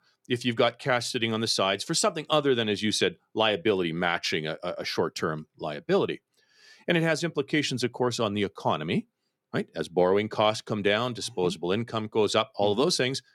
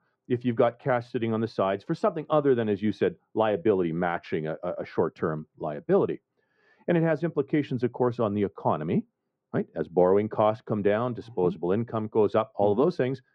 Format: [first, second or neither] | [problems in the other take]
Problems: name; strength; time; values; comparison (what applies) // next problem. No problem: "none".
first | muffled; very; fading above 3.5 kHz